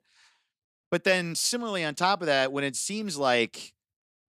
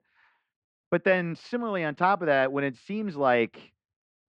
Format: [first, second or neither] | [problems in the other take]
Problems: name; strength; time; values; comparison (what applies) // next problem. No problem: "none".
first | muffled; very; fading above 2 kHz